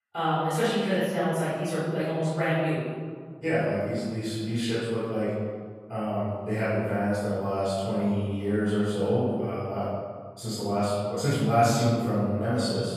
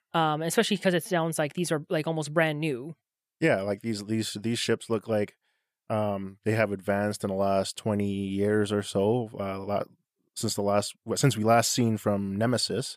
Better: second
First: off-mic speech; far // room echo; strong; dies away in 1.7 s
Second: none

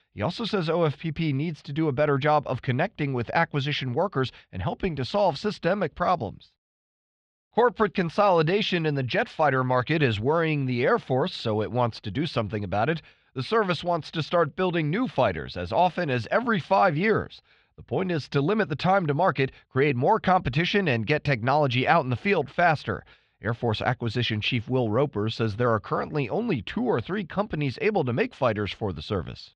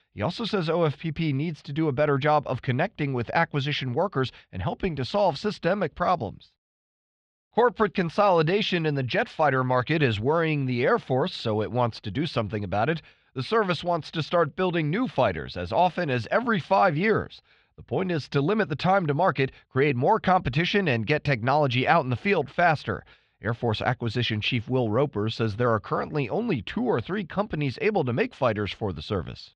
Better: neither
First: muffled; slightly; fading above 3 kHz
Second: muffled; slightly; fading above 3 kHz

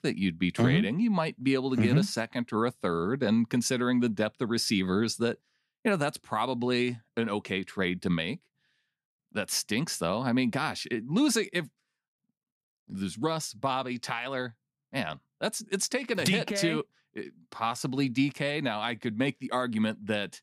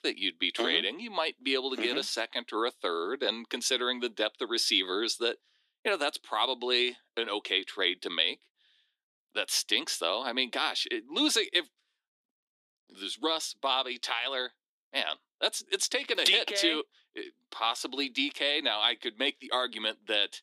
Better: first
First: none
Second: thin; somewhat; fading below 300 Hz

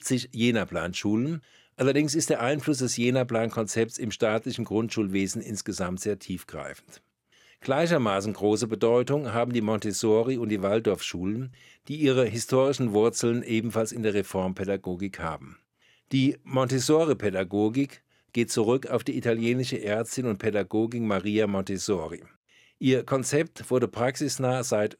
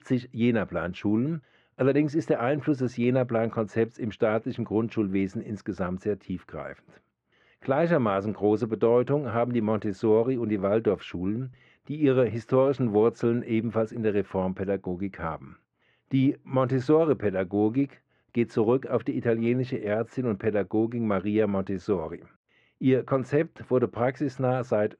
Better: first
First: none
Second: muffled; very; fading above 2 kHz

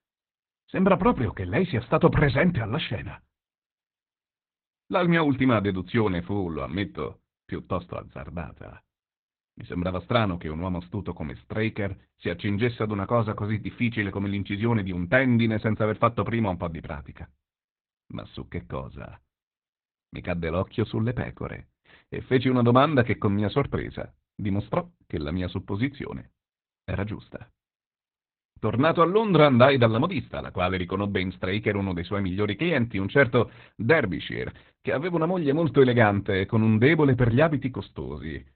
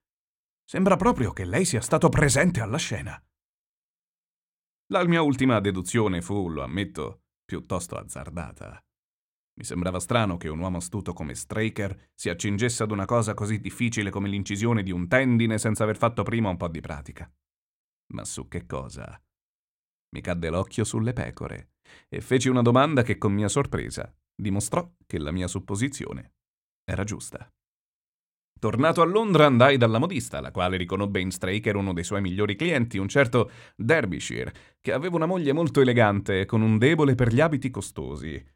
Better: second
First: garbled, watery; badly; nothing above 4 kHz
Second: none

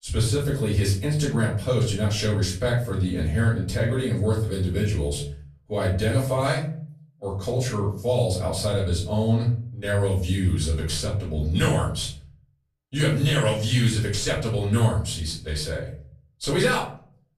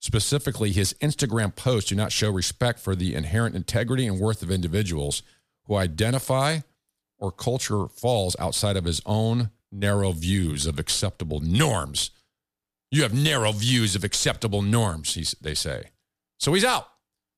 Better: second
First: room echo; noticeable; dies away in 0.5 s // off-mic speech; far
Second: none

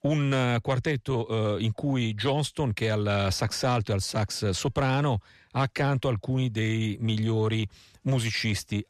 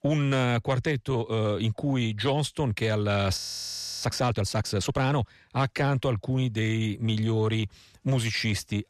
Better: first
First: none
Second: audio freezing; at 3.5 s for 0.5 s

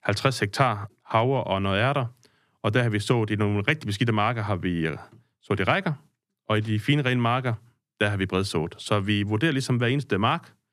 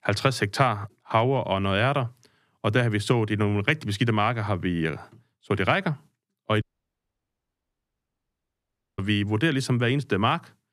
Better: first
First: none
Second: audio cutting out; at 6.5 s for 2.5 s

